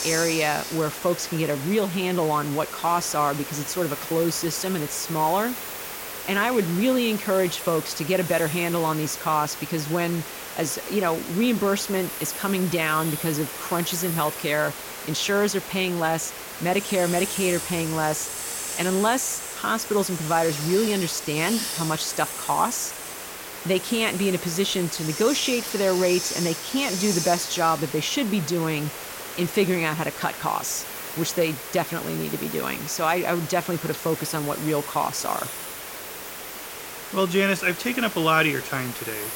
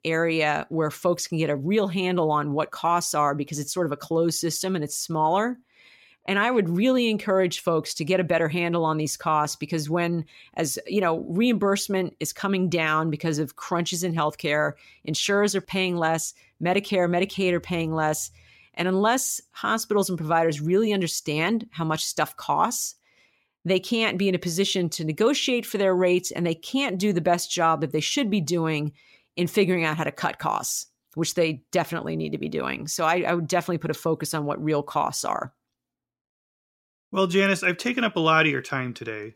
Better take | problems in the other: second | hiss; loud; throughout; 7 dB below the speech

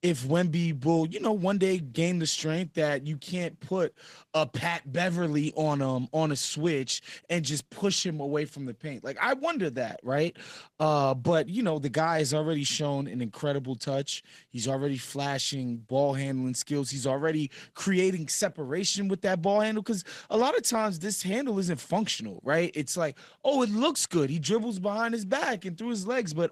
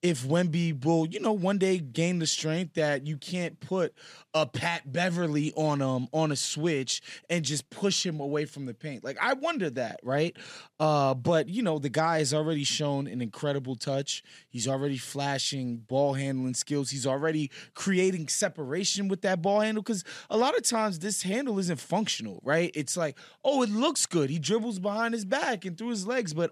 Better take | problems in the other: second | garbled, watery; slightly

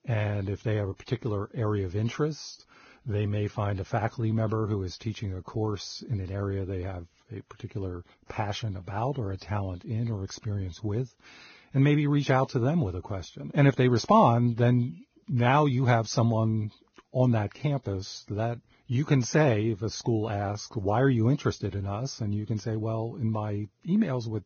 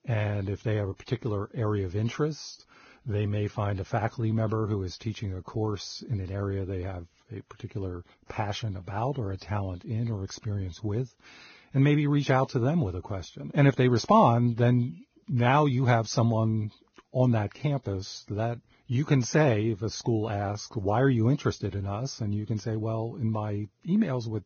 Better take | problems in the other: neither | garbled, watery; badly; nothing above 6.5 kHz; the same in both

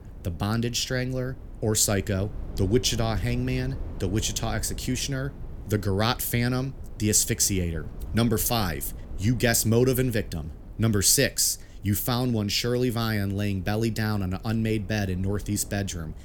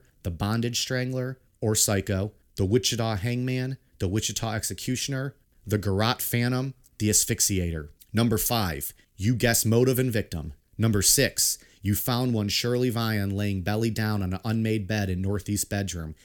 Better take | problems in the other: second | wind noise on the microphone; occasional gusts; 25 dB below the speech

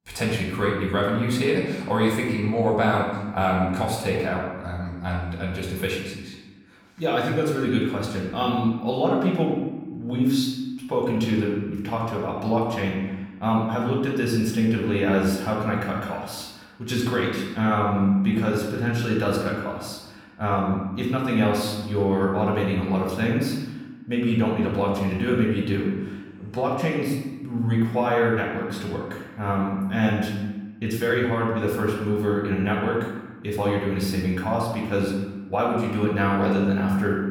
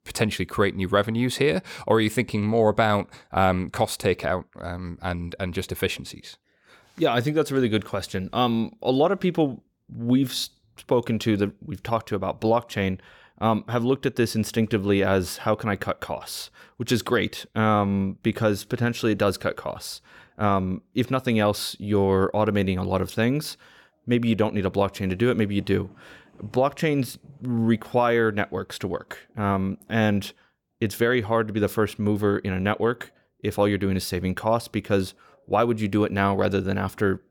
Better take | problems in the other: second | room echo; noticeable; dies away in 1 s // off-mic speech; far

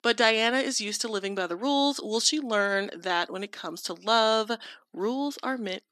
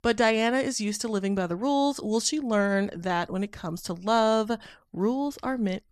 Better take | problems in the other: second | thin; very slightly; fading below 250 Hz

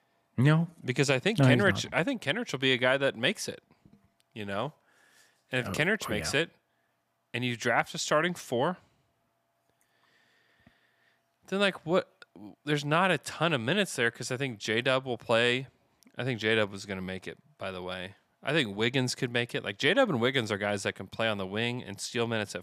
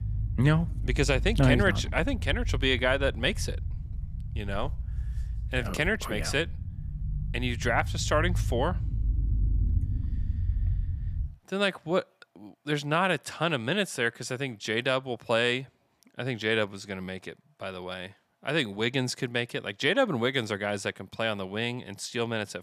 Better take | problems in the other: first | low rumble; faint; until 11 s; 20 dB below the speech

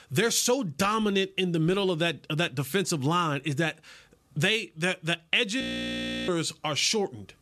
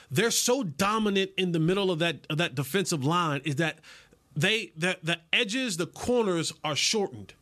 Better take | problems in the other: second | audio freezing; at 5.5 s for 0.5 s

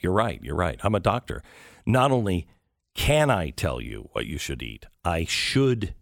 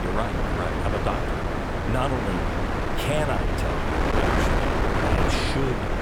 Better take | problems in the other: first | wind noise on the microphone; heavy; 4 dB above the speech

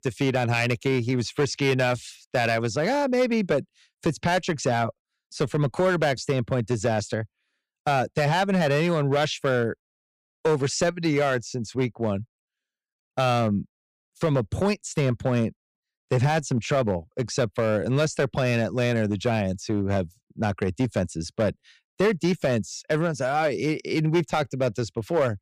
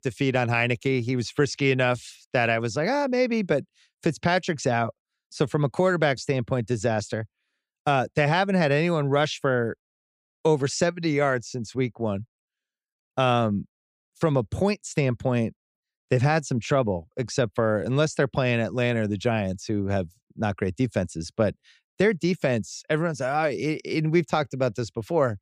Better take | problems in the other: second | distortion; slight; 5% of the sound clipped

